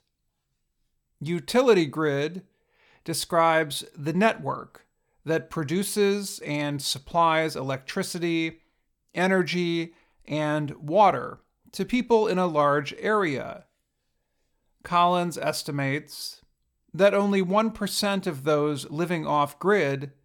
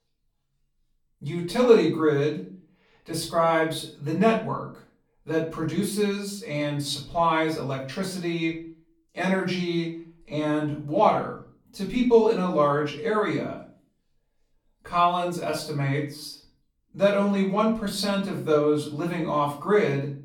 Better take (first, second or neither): first